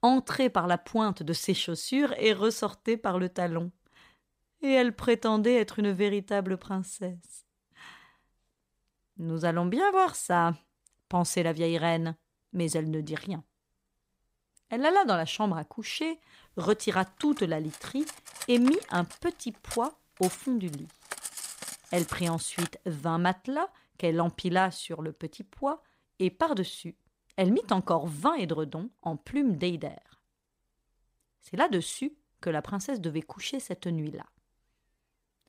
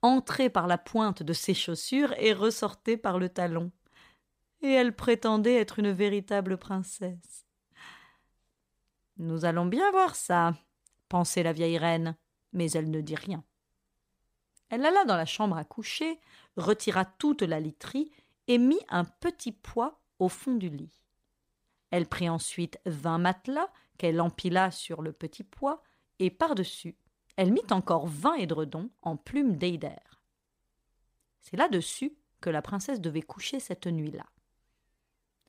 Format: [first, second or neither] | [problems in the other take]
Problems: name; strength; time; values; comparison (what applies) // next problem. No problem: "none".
second | clattering dishes; noticeable; from 17 to 23 s; peak 7 dB below the speech